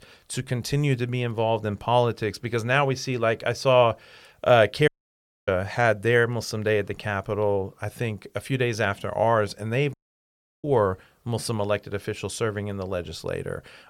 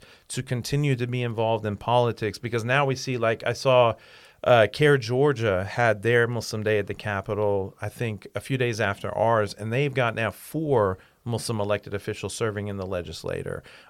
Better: second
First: audio cutting out; at 5 s for 0.5 s and at 10 s for 0.5 s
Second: none

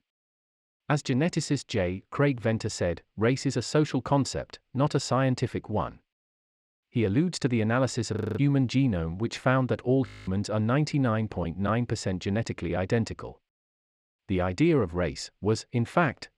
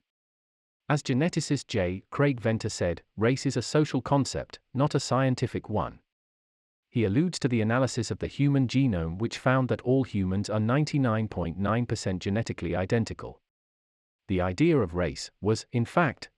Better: second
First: audio freezing; at 8 s and at 10 s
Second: none

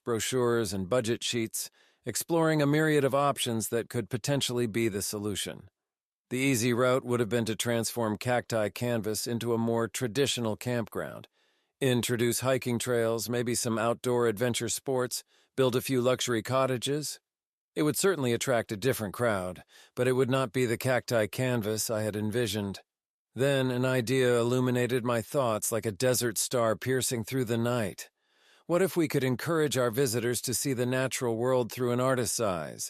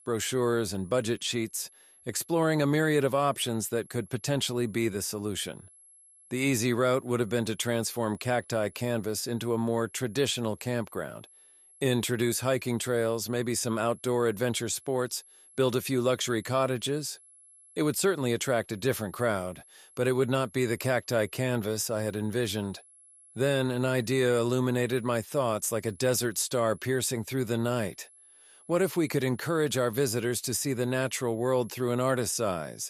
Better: first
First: none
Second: high-pitched whine; faint; throughout; 11 kHz, 25 dB below the speech

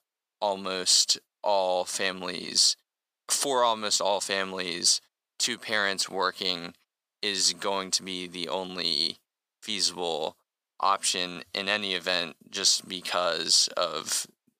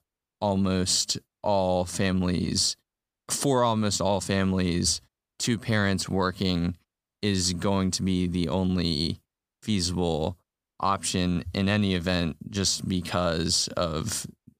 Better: second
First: thin; very; fading below 550 Hz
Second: none

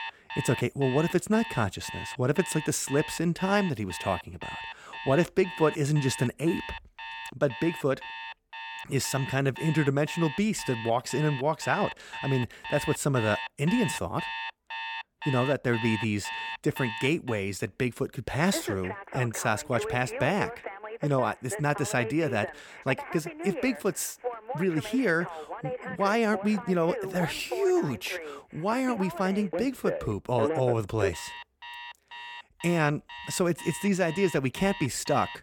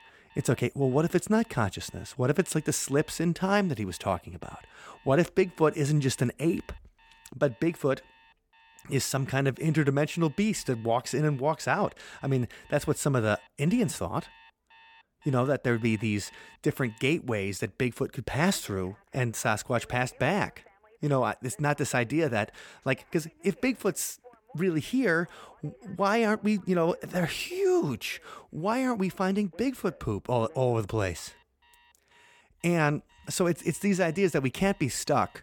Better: second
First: alarms or sirens; loud; throughout; 9 dB below the speech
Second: alarms or sirens; faint; throughout; 30 dB below the speech

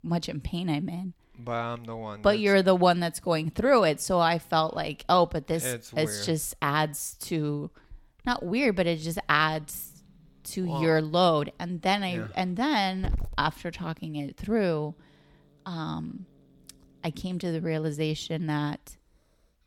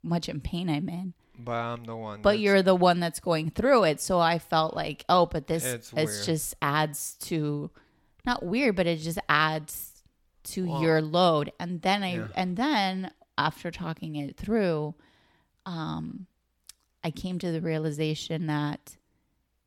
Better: second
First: hiss; noticeable; throughout; 15 dB below the speech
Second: none

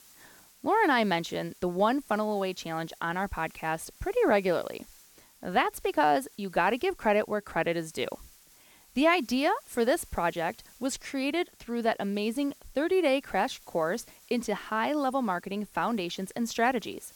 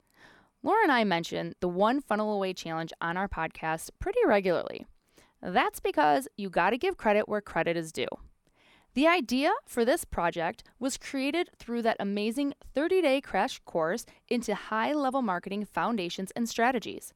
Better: second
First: hiss; faint; throughout; 25 dB below the speech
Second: none

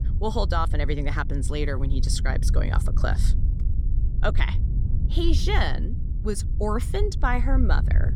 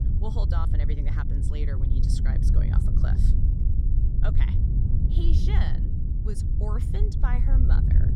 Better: first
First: wind noise on the microphone; occasional gusts; 15 dB below the speech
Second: wind noise on the microphone; heavy; as loud as the speech

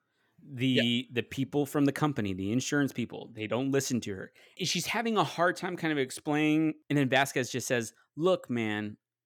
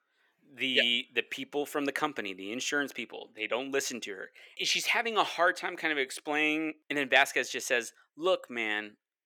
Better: first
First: none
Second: thin; somewhat; fading below 450 Hz

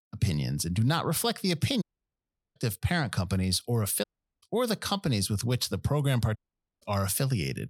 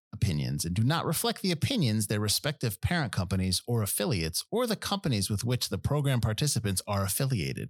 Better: second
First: audio cutting out; at 2 s for 0.5 s, at 4 s and at 6.5 s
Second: none

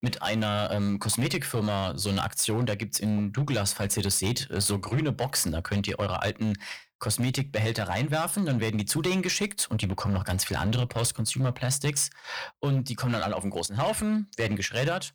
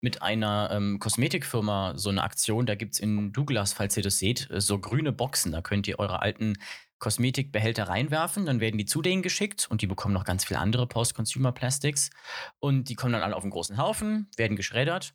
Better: second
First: distortion; slight; 9% of the sound clipped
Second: none

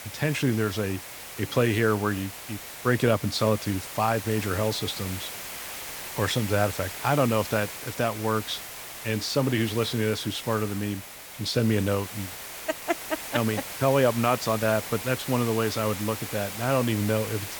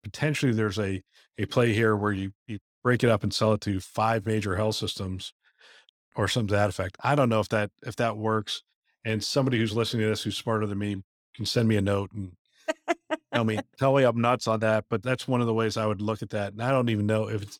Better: second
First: hiss; loud; throughout; 9 dB below the speech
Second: none

